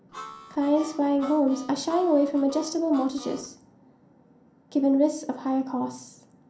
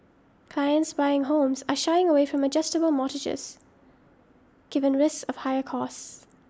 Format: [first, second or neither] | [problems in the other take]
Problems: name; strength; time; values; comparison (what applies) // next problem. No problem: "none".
second | background sound (Harmonica); 17 dB below the speech // room echo; dies away in 0.6 s